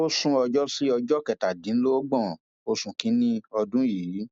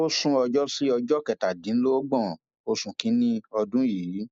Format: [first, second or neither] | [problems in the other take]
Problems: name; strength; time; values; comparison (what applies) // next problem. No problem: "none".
first | noise reduction (neural mask model Resemble Enhance denoiser)